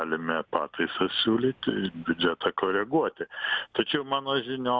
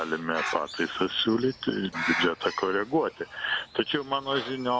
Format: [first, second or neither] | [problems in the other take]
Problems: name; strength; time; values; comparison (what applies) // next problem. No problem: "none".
first | background sound (Bird); 9 dB below the speech